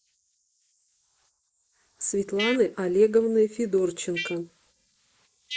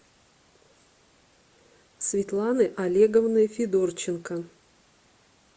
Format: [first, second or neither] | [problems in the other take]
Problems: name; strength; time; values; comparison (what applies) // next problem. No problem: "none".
second | noise reduction (neural mask model Resemble Enhance denoiser)